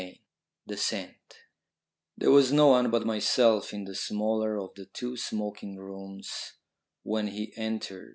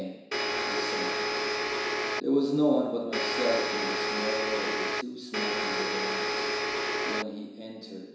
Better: first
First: none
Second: background sound (Domestic sounds, home sounds); 3 dB above the speech // room echo; dies away in 1 s

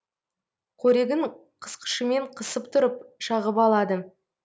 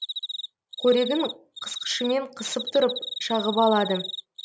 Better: first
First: none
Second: background sound (Cricket); 9 dB below the speech

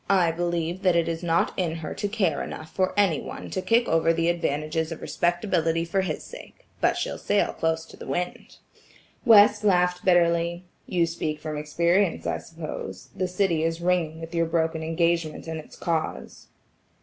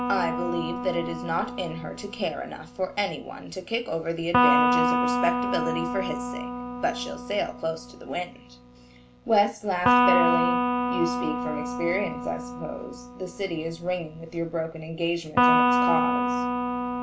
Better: first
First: none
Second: background sound (Electric guitar); 3 dB above the speech // room echo; dies away in 0.2 s

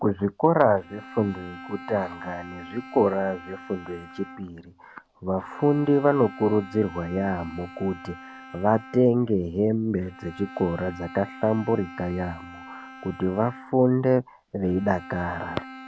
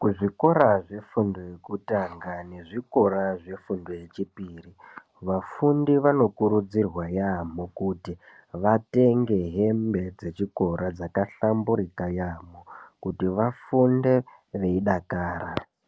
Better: second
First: background sound (Bowed string instrument); 18 dB below the speech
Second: none

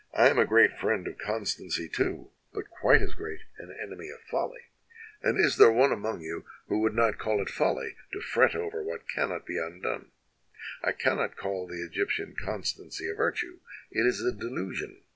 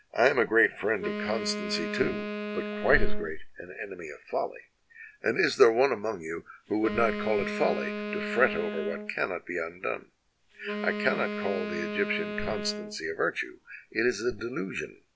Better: first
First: none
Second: background sound (Wind instrument, woodwind instrument); 7 dB below the speech

